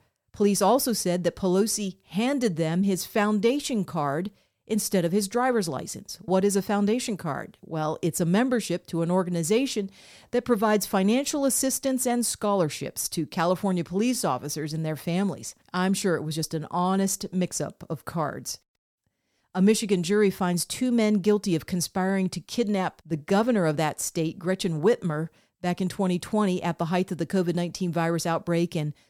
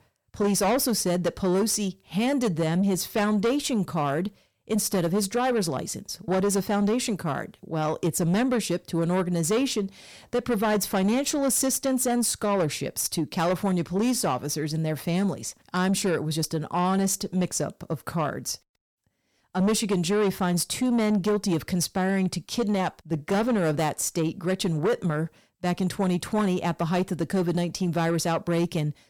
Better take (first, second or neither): first